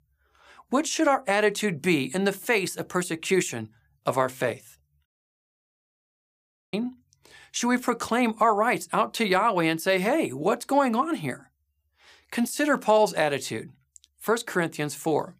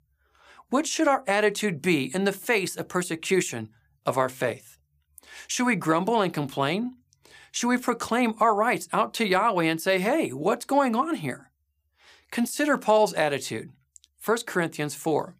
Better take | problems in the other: second | audio cutting out; at 5 s for 1.5 s

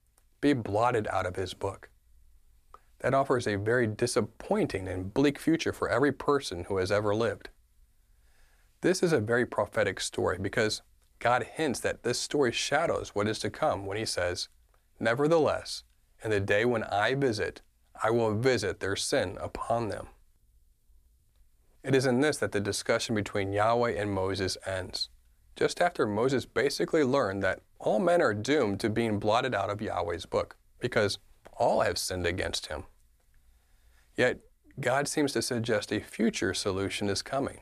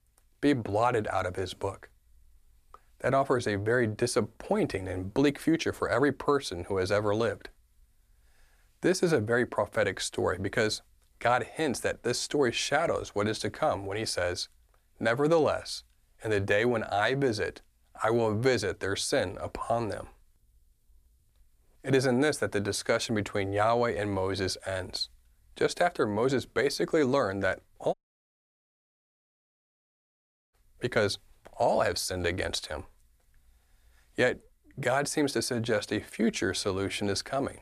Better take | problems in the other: first | audio cutting out; at 28 s for 2.5 s

